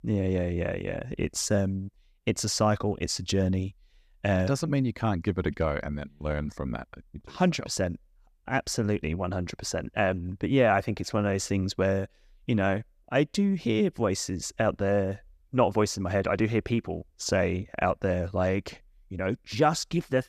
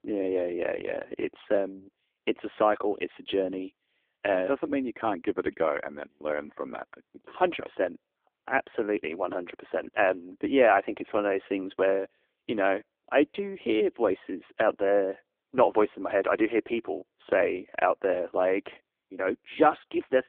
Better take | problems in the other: first | phone-call audio; poor line

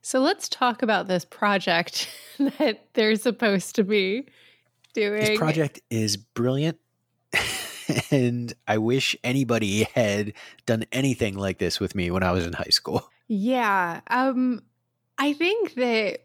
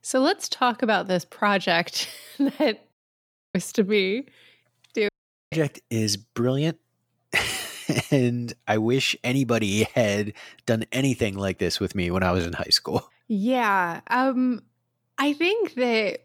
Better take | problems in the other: first | audio cutting out; at 3 s for 0.5 s and at 5 s

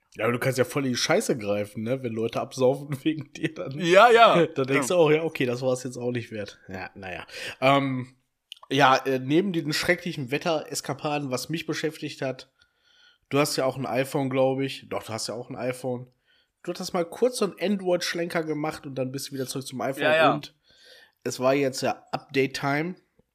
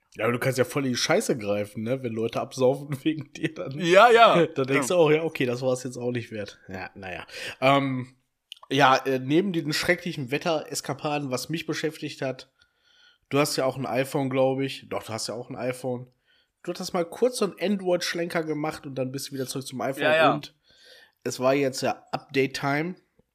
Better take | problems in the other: neither | none

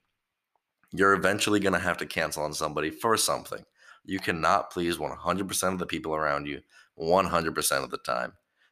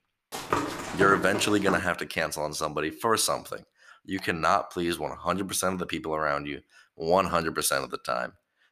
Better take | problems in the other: first | footsteps; noticeable; until 2 s; peak 2 dB below the speech

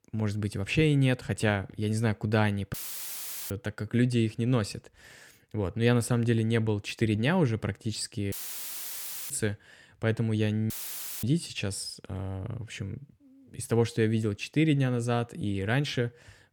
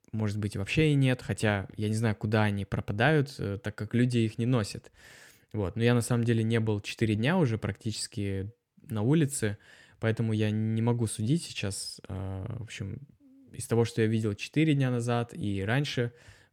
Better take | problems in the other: second | audio cutting out; filled with static; at 2.5 s for 1 s, at 8.5 s for 1 s and at 11 s for 0.5 s

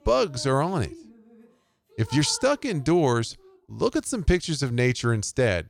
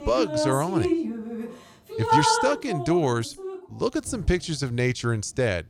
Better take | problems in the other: first | rain or running water; loud; throughout; 1 dB below the speech; faint in the first

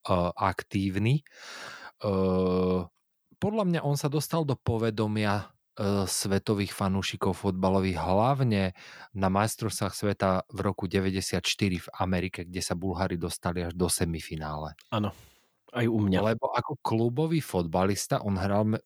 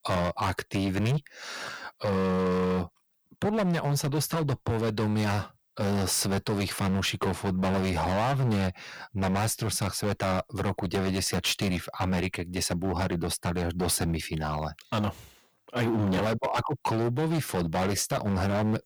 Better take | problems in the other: first | distortion; heavy; 19% of the sound clipped

